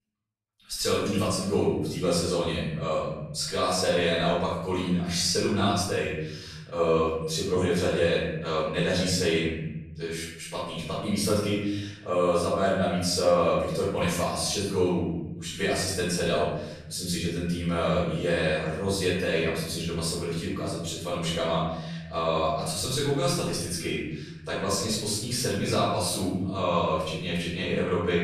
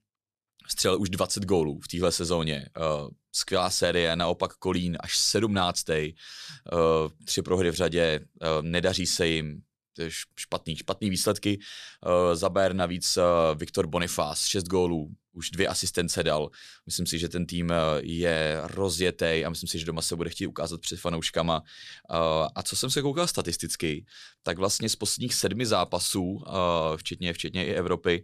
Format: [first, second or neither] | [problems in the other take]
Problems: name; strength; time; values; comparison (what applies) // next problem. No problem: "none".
second | room echo; noticeable; dies away in 1.1 s // off-mic speech; far